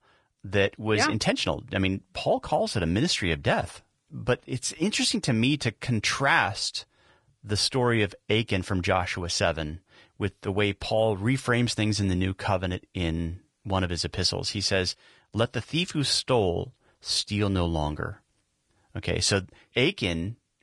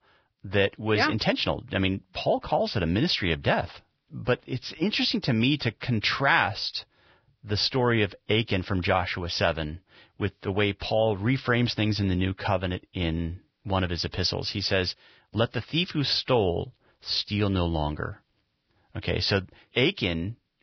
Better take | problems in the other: first | garbled, watery; badly; nothing above 5.5 kHz; slightly in the first

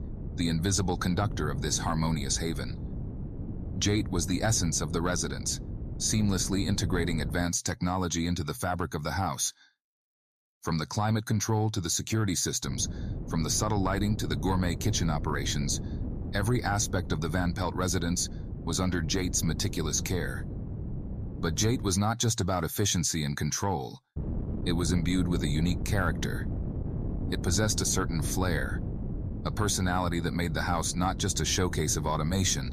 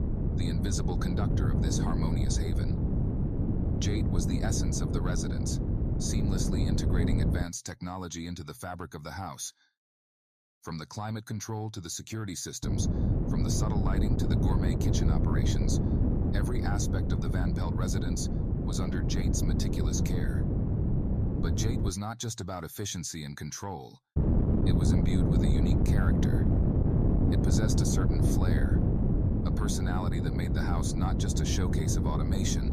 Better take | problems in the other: first | wind noise on the microphone; heavy; until 7.5 s, from 13 to 22 s and from 24 s on; 1 dB above the speech; occasional gusts in the first

